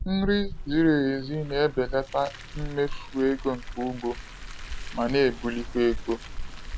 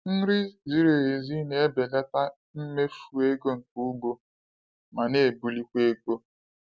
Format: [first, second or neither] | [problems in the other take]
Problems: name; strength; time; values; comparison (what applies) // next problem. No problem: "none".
second | background sound (Car); 8 dB below the speech